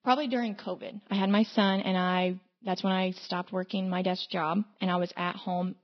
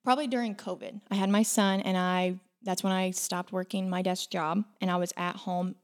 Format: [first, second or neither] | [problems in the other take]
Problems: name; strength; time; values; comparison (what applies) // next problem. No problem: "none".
second | garbled, watery; badly; nothing above 5.5 kHz